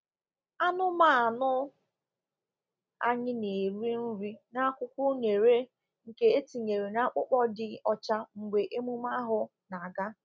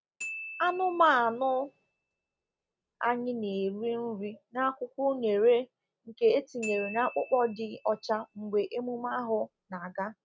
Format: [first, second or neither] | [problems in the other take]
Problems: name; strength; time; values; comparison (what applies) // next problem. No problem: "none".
first | background sound (Glockenspiel); 16 dB below the speech